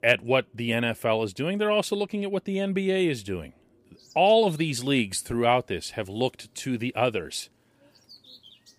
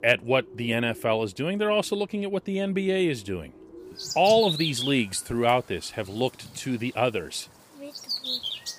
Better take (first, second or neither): first